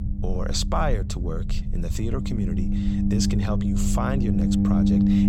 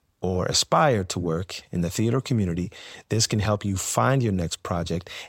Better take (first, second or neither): second